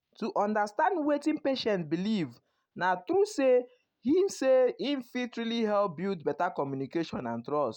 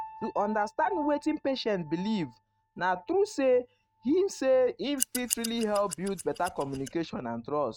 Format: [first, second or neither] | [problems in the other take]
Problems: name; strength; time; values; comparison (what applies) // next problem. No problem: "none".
first | noise reduction (neural mask model RNNoise)